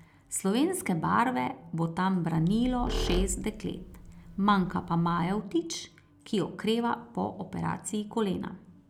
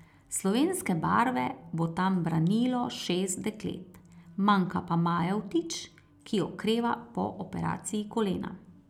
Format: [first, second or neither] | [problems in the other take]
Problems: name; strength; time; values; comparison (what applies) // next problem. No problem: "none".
second | background sound (Squeak); 7 dB below the speech